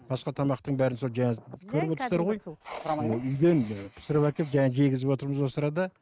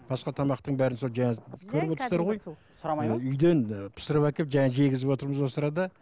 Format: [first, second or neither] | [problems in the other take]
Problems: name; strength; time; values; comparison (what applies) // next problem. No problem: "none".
second | noise reduction (neural mask model RNNoise)